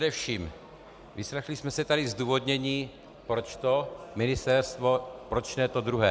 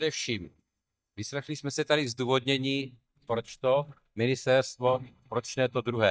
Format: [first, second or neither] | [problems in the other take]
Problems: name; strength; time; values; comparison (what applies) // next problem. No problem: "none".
first | noise reduction (neural mask model DeepFilterNet 3)